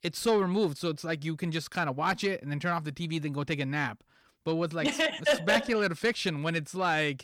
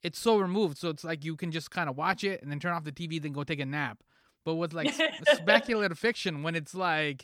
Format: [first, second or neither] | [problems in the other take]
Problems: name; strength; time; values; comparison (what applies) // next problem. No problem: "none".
second | distortion; slight; 10 dB below the speech